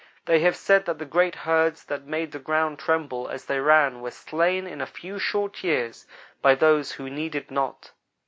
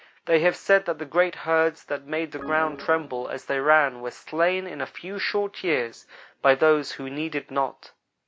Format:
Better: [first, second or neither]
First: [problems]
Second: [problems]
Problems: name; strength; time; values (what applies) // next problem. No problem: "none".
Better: first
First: none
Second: background sound (Organ); 14 dB below the speech